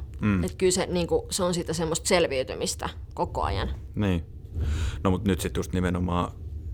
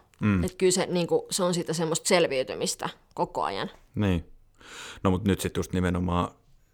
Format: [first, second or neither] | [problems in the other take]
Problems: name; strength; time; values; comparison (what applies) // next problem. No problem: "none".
second | wind noise on the microphone; occasional gusts; 25 dB below the speech